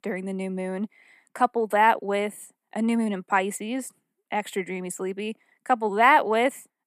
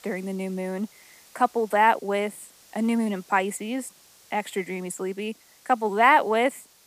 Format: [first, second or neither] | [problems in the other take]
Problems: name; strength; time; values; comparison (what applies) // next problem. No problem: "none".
first | hiss; faint; throughout; 25 dB below the speech